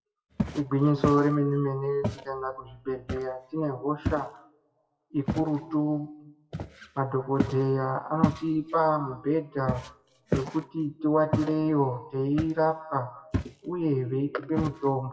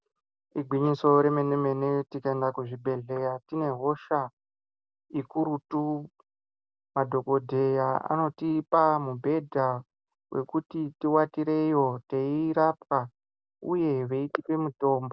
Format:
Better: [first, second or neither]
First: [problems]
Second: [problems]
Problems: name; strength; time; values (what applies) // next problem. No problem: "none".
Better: second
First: noise reduction (classical method WPE with log-MMSE)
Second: none